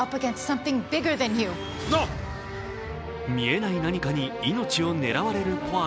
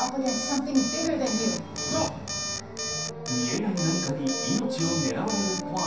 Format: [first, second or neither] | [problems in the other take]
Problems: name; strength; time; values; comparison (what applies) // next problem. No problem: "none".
first | background sound (Alarm); 5 dB below the speech // room echo; dies away in 0.7 s